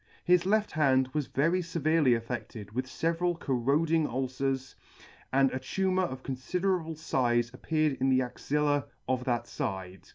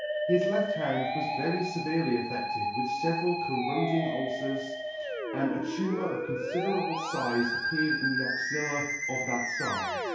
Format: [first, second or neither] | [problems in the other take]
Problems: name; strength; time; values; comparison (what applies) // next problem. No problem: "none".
first | background sound (Musical instrument); as loud as the speech // room echo; dies away in 0.7 s